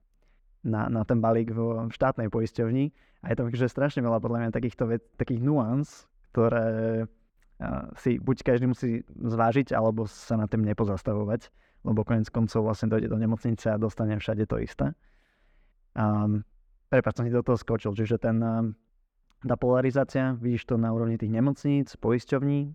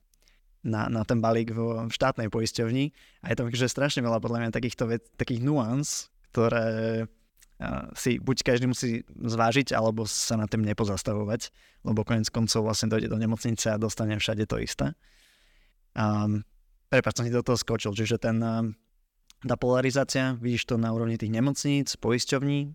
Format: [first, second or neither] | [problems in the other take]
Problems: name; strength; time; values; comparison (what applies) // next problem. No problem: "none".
second | muffled; very; fading above 2.5 kHz